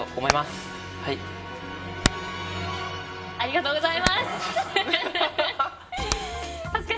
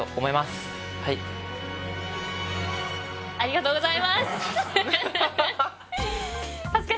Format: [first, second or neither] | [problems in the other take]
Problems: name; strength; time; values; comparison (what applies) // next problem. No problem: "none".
second | background sound (Hammer); 6 dB below the speech // room echo; dies away in 1.1 s